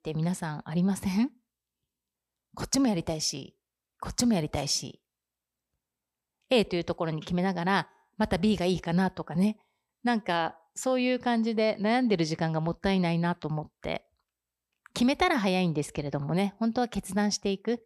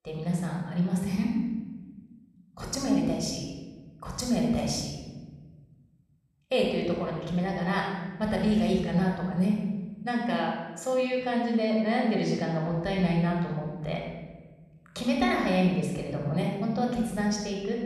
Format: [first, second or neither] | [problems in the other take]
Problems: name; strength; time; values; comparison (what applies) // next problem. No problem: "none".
first | off-mic speech; somewhat distant // room echo; noticeable; dies away in 1.2 s